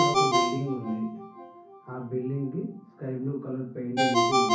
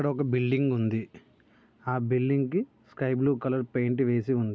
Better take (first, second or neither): second